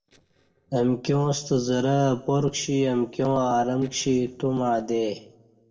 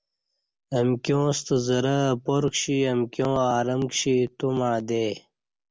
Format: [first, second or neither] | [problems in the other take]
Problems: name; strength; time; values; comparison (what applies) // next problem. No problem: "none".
second | noise reduction (neural separator model SepFormer DNS4)